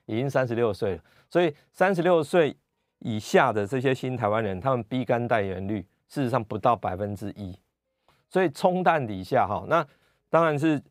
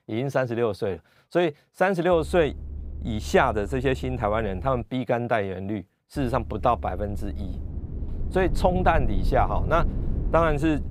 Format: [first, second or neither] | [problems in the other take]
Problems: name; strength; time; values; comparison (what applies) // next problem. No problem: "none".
first | low rumble; faint; from 2 to 5 s and from 6 s on; 20 dB below the speech